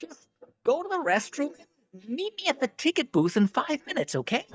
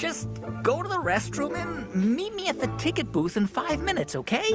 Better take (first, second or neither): second